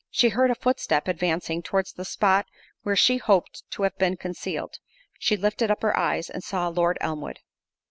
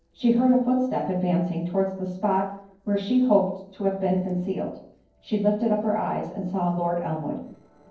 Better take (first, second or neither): first